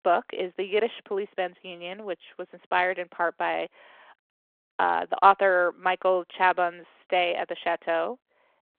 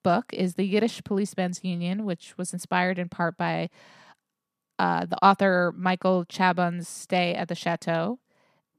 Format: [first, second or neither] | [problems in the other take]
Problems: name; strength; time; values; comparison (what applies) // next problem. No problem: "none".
second | phone-call audio